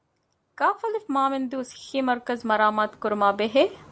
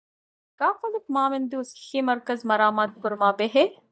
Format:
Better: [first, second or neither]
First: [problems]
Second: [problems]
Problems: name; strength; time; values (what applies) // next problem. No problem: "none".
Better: first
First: none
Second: noise reduction (neural mask model DeepFilterNet 3)